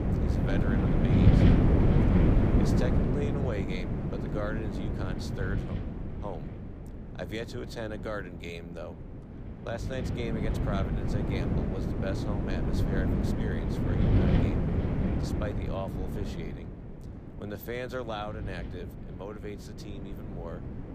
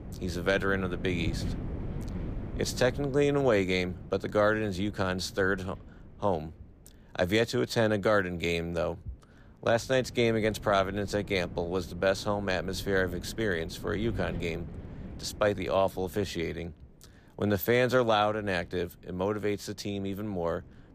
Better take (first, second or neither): second